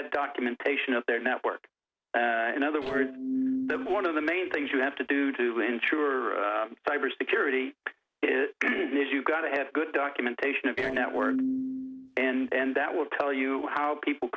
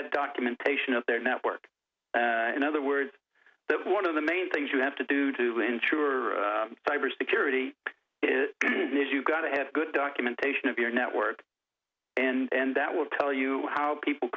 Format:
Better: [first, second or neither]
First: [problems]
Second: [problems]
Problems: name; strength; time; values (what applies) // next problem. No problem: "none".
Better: second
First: noise reduction (neural separator model SepFormer DNS4)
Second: none